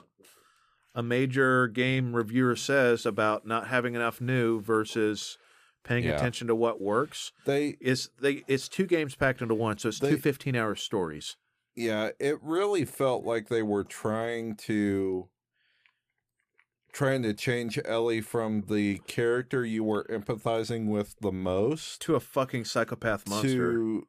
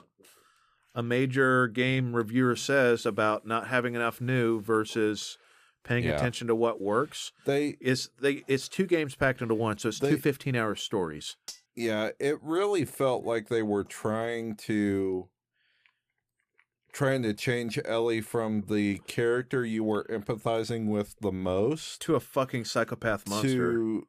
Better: first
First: none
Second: clattering dishes; faint; at 11 s; peak 15 dB below the speech

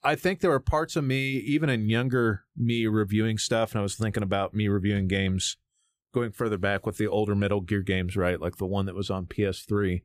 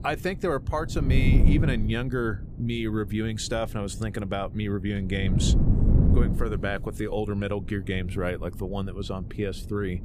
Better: first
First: none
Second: wind noise on the microphone; heavy; 6 dB below the speech

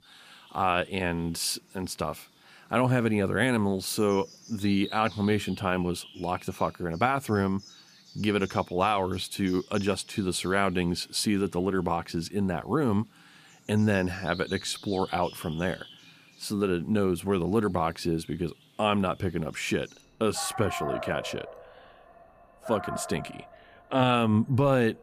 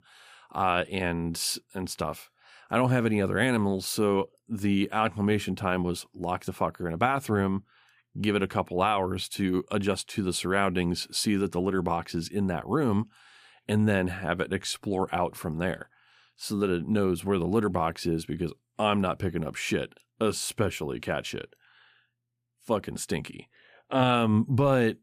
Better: second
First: animal sounds; noticeable; throughout; 15 dB below the speech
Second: none

